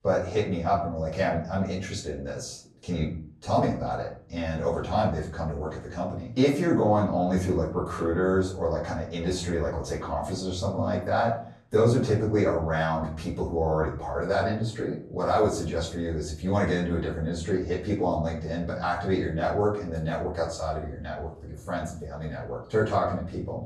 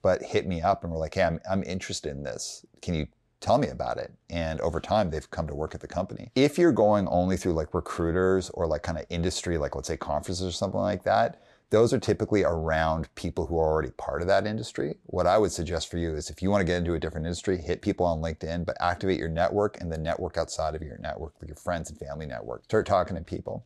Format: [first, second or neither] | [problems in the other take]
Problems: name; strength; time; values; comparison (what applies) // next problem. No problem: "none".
second | off-mic speech; far // room echo; slight; dies away in 0.5 s